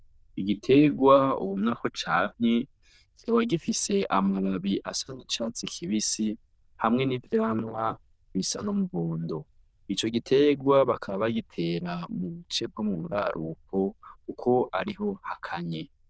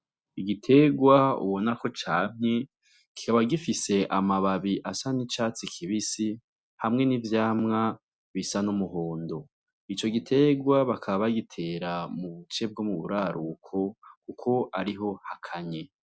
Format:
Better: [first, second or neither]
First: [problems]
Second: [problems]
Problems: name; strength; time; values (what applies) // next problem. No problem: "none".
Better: second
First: noise reduction (neural diffusion model UNIVERSE++)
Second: none